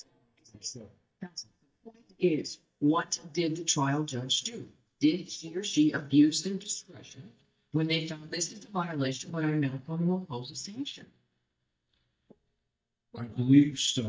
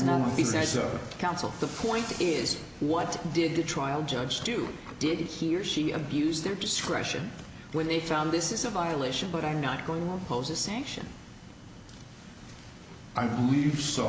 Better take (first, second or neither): second